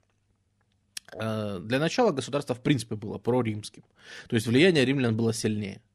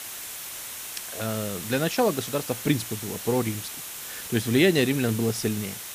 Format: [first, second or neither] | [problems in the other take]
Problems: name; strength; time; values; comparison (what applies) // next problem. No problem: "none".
first | hiss; loud; throughout; 8 dB below the speech